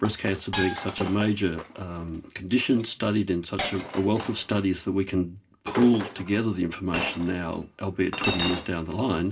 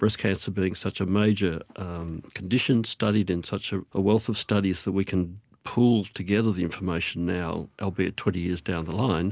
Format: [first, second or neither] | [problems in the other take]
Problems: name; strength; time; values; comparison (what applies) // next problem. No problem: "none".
second | background sound (Chink, clink); 10 dB below the speech // room echo; dies away in 0.2 s